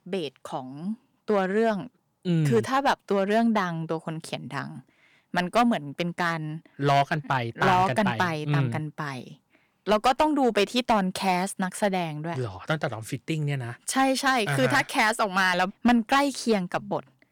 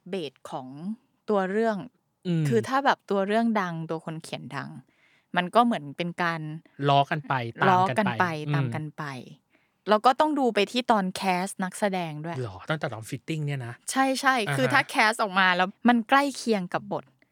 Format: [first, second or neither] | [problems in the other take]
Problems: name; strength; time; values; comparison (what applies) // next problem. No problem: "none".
second | distortion; slight; 3% of the sound clipped